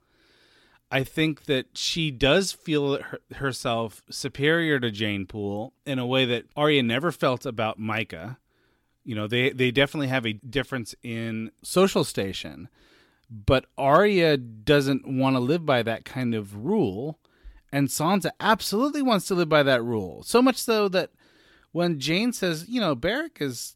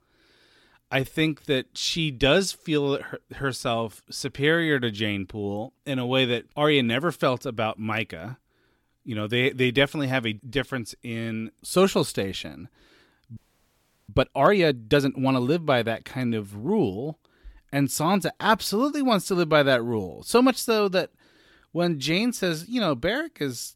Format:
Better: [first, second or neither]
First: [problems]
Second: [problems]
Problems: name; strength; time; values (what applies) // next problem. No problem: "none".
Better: first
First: none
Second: audio freezing; at 13 s for 0.5 s